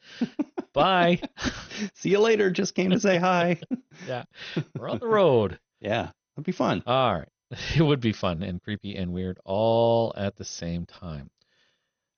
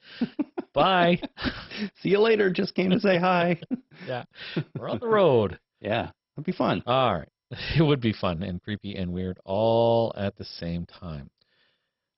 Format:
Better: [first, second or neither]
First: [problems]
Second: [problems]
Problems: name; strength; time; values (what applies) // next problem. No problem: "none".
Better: first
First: garbled, watery; slightly; nothing above 6.5 kHz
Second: garbled, watery; badly; nothing above 5.5 kHz